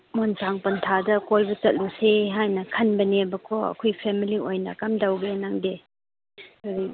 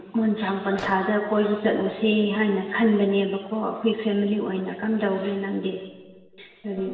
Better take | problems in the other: first | background sound (Explosion); 19 dB below the speech // room echo; dies away in 1.3 s

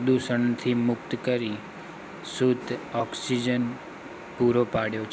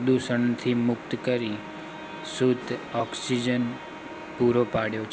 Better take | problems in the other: first | background sound (Bowed string instrument); 18 dB below the speech

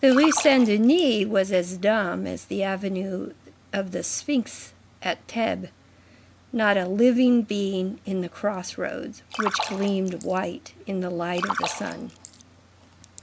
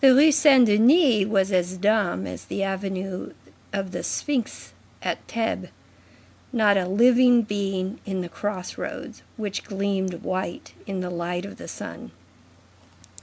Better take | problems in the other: second | background sound (Splash, splatter); 7 dB below the speech

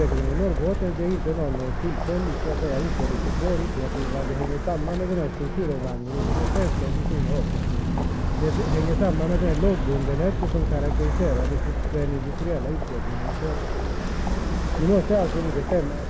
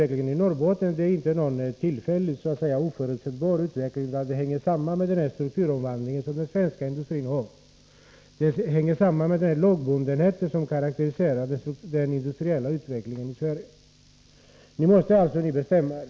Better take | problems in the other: second | background sound (Walk, footsteps); 2 dB above the speech

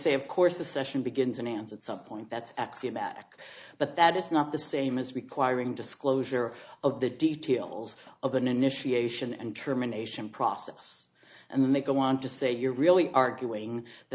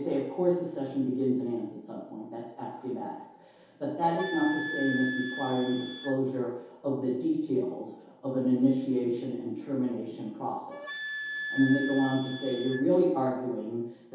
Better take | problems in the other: first | background sound (Wind instrument, woodwind instrument); 9 dB below the speech // room echo; dies away in 0.8 s

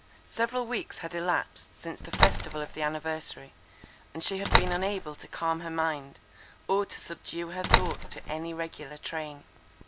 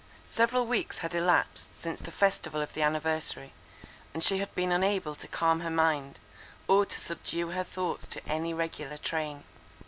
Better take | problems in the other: second | background sound (Slam); 2 dB above the speech

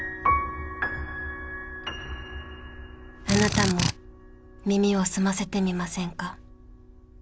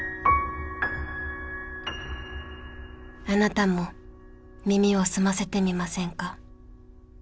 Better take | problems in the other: second | background sound (Drill); 3 dB above the speech

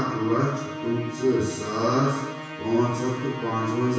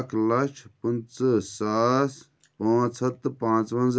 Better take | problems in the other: second | background sound (Musical instrument); 10 dB below the speech // room echo; dies away in 1.1 s

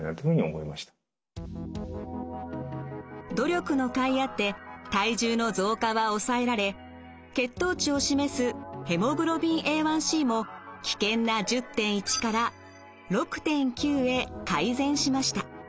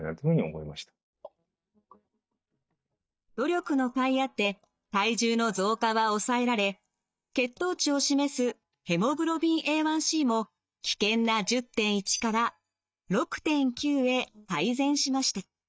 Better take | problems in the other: first | noise reduction (neural mask model DeepFilterNet 3)

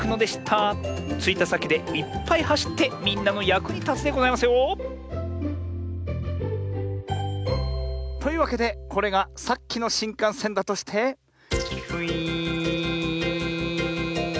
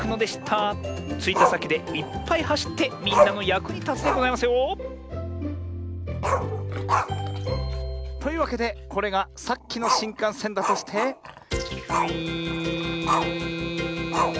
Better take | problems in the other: first | background sound (Growling); 3 dB below the speech

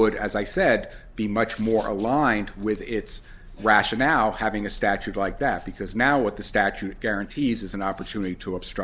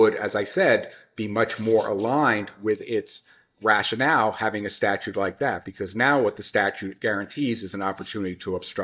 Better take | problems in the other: first | noise reduction (neural mask model DeepFilterNet 3)

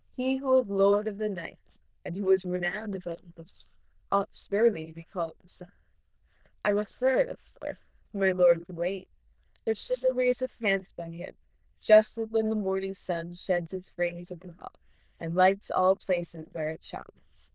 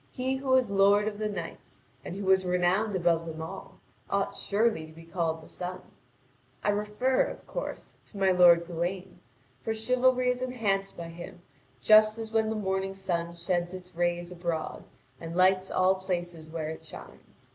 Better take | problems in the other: second | noise reduction (neural diffusion model UNIVERSE++)

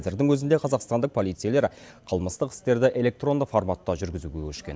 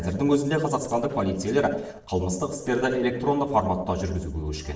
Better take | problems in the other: first | noise reduction (neural separator model SepFormer DNS4)

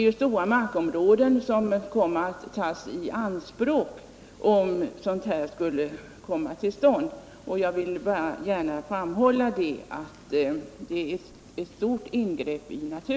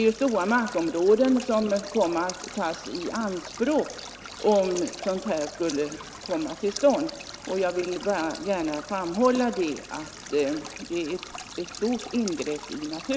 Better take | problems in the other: first | background sound (Stream); 15 dB below the speech

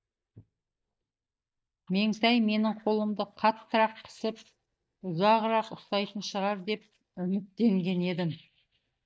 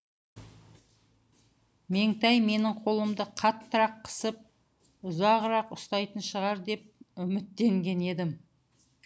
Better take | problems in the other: second | noise reduction (neural mask model DeepFilterNet 3)

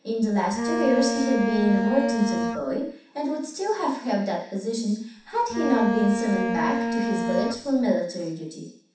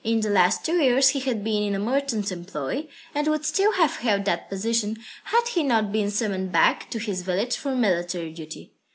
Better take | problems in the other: second | background sound (Bowed string instrument); 1 dB below the speech // room echo; dies away in 0.7 s

